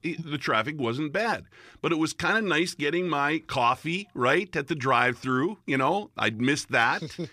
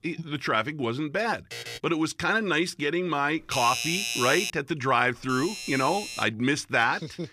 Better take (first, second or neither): first